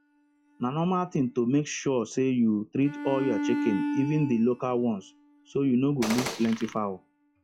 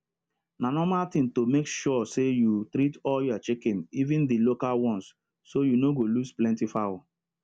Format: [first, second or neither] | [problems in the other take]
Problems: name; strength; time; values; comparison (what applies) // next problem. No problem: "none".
second | noise reduction (classical method log-MMSE)